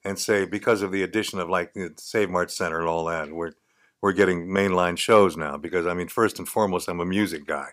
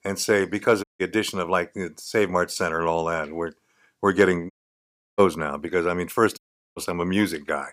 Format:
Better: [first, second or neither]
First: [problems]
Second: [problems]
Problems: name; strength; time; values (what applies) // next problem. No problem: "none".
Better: first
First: none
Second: audio cutting out; at 1 s, at 4.5 s for 0.5 s and at 6.5 s